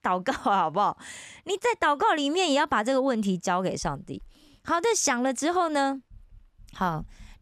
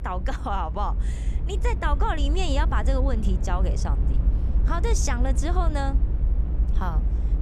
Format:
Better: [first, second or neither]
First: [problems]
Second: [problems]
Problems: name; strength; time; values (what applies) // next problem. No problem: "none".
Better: first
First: none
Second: low rumble; noticeable; throughout; 15 dB below the speech